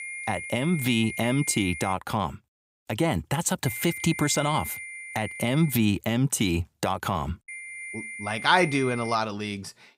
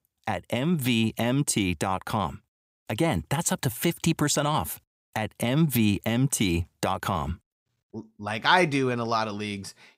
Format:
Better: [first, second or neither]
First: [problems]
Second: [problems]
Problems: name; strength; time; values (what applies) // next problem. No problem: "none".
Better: second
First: high-pitched whine; loud; until 2 s, from 3.5 to 5.5 s and from 7.5 to 9 s; 2 kHz, 10 dB below the speech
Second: none